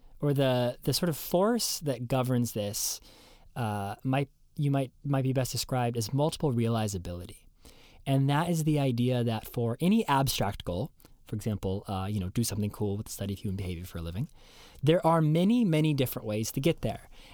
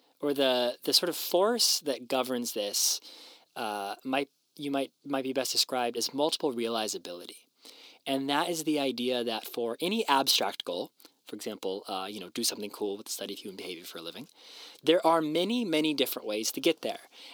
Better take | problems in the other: first | thin; somewhat; fading below 300 Hz

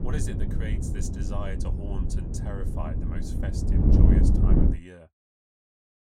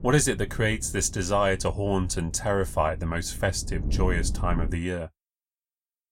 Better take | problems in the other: second | wind noise on the microphone; heavy; until 4.5 s; 5 dB above the speech; occasional gusts in the second

